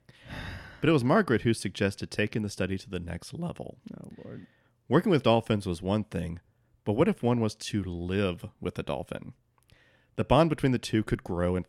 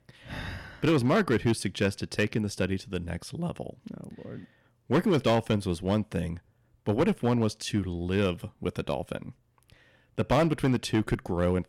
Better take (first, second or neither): first